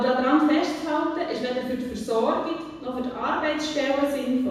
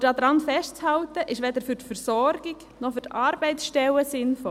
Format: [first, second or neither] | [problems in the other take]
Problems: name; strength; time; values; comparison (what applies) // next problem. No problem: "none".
second | room echo; dies away in 1.1 s